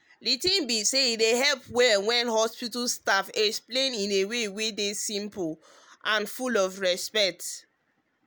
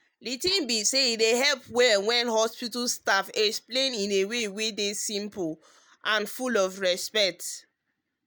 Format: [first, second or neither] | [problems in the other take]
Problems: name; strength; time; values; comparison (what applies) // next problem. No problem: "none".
first | noise reduction (neural mask model DeepFilterNet 3)